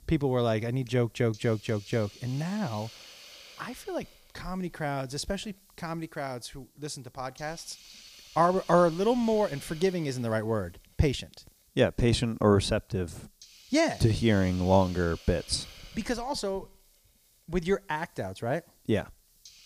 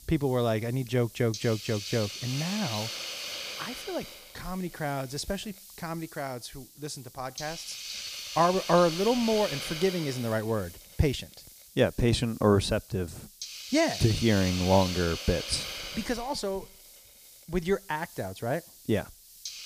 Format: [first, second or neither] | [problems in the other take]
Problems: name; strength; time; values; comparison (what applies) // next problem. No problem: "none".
first | hiss; loud; throughout; 8 dB below the speech; faint in the first